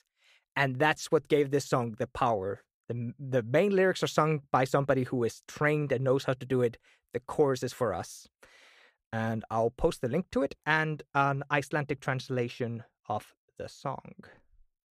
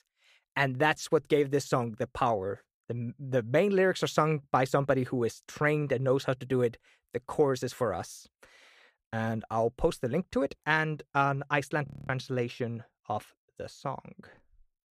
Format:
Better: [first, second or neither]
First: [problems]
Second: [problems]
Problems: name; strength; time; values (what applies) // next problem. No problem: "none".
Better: first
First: none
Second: audio freezing; at 12 s